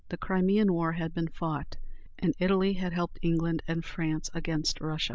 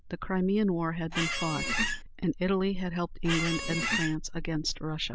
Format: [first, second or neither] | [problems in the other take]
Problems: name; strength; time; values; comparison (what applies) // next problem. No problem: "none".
first | background sound (Squeak); 2 dB below the speech